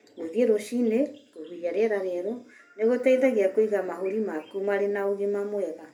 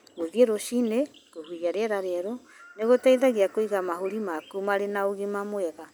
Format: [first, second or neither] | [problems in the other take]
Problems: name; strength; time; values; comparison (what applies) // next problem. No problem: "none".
second | room echo; dies away in 0.3 s